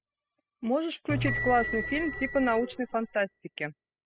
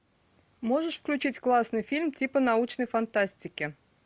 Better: second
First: noise reduction (classical method spectral subtraction)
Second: none

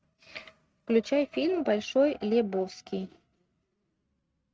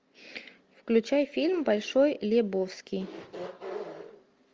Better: second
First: noise reduction (neural mask model RNNoise)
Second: none

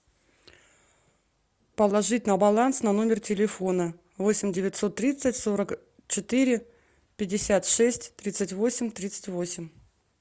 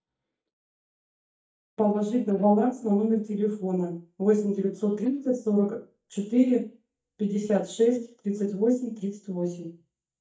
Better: first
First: none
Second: noise reduction (neural mask model DeepFilterNet 3)

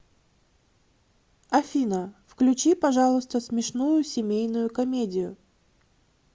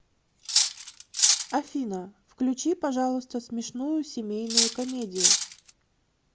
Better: first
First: none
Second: background sound (Cutlery, silverware); 5 dB above the speech

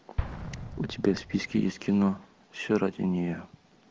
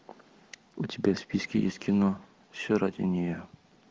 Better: second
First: background sound (Explosion); 12 dB below the speech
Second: none

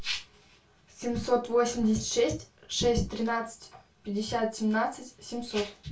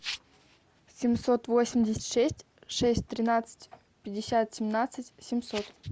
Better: second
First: room echo; dies away in 0.3 s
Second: none

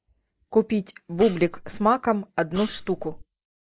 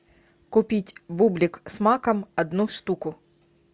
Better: second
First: noise reduction (neural mask model Resemble Enhance denoiser)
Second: none

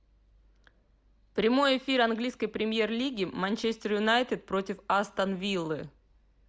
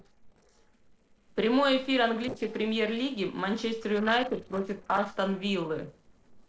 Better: first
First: none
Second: noise reduction (neural separator model SepFormer DNS4)

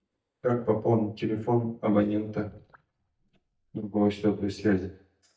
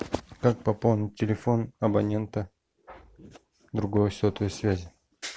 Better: second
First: noise reduction (neural mask model DeepFilterNet 3)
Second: none

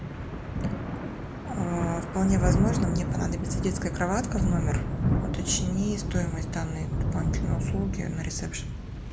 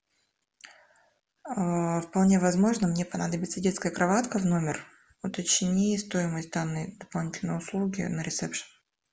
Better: second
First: background sound (Thunder / Rain); 3 dB above the speech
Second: none

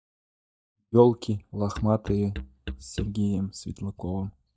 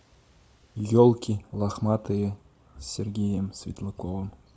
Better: second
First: noise reduction (neural mask model DeepFilterNet 3)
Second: none

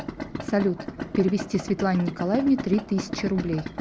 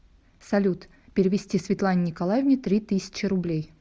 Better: second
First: background sound (Idling); 8 dB below the speech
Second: none

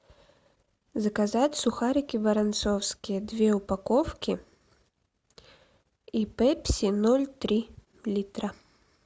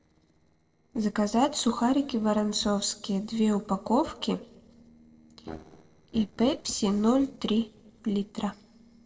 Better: first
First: none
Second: noise reduction (neural separator model SepFormer DNS4)

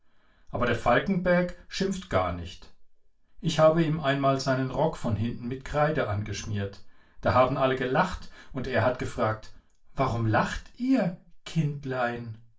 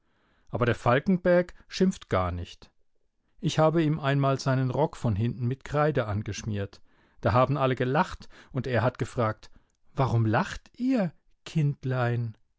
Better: second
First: room echo; dies away in 0.3 s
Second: none

